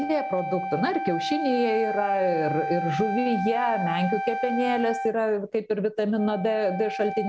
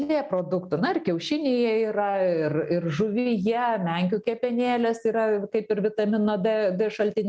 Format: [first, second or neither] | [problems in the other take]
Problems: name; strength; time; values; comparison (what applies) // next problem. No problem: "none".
second | background sound (Wind instrument, woodwind instrument); 5 dB below the speech